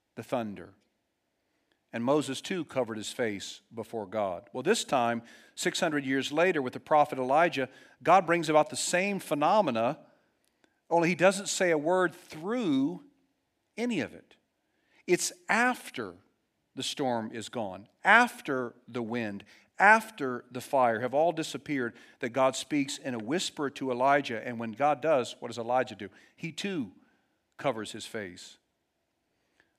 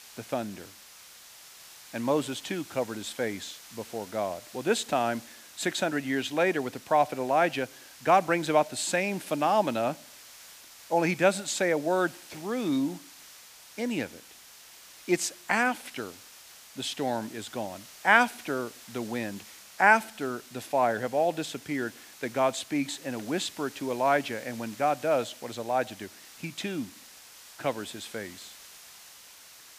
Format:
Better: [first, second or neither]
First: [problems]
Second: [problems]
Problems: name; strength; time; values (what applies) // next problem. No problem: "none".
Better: first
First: none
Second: hiss; noticeable; throughout; 20 dB below the speech